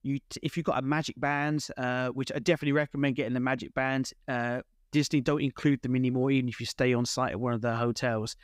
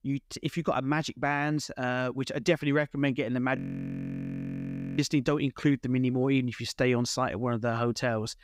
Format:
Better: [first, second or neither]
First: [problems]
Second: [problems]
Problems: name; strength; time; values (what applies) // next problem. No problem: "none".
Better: first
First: none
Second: audio freezing; at 3.5 s for 1.5 s